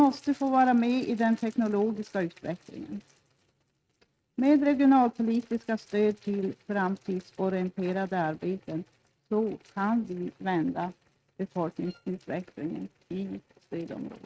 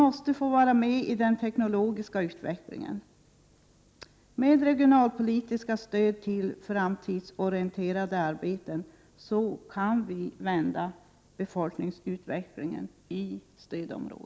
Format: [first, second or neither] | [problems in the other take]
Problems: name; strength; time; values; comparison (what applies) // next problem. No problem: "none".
second | noise reduction (neural mask model RNNoise)